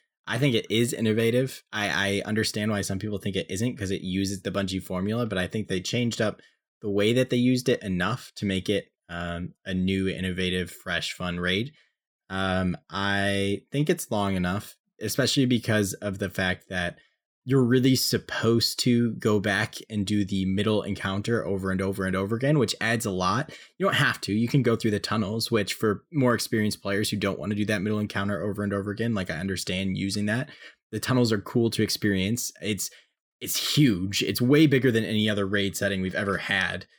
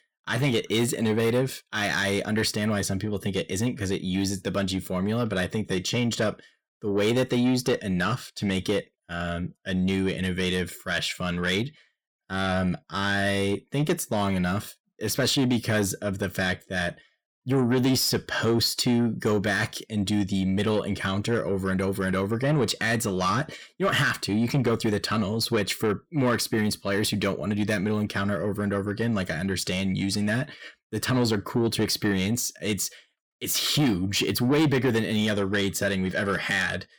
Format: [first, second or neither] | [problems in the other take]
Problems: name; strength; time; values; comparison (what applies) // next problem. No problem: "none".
first | distortion; slight; 10 dB below the speech